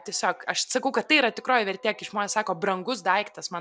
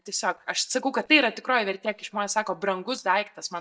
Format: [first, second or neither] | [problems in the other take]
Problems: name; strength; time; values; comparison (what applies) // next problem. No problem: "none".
first | noise reduction (neural mask model DeepFilterNet 3)